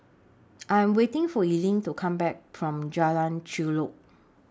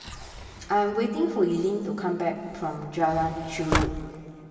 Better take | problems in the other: first | background sound (Sliding door); 8 dB below the speech // room echo; dies away in 2.5 s

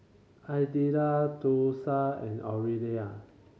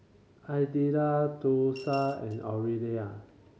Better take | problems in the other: first | background sound (Coin (dropping) / Glass); 20 dB below the speech

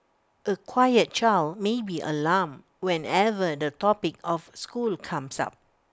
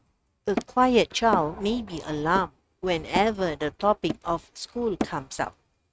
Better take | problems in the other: first | noise reduction (neural mask model RNNoise)

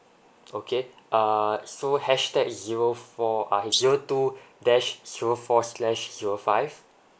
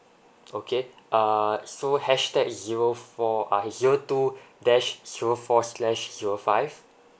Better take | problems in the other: second | noise reduction (neural mask model Resemble Enhance denoiser)

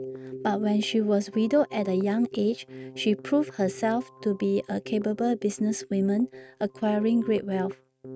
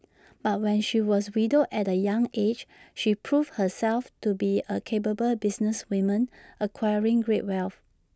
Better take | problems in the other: second | noise reduction (neural mask model RNNoise)

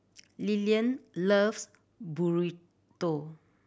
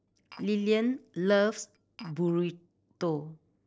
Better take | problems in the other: first | noise reduction (neural separator model SepFormer DNS4)

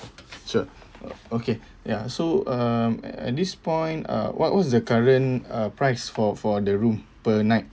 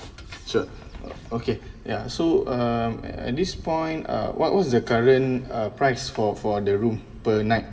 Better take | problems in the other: first | background sound (Wind / Bird); 19 dB below the speech // room echo; dies away in 2.8 s

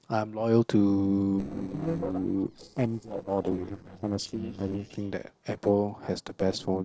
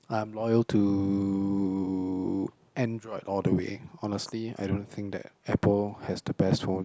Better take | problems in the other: second | noise reduction (neural separator model SepFormer DNS4)

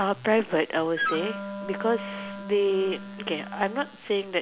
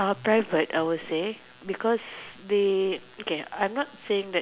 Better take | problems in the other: second | background sound (Wind instrument, woodwind instrument); 8 dB below the speech

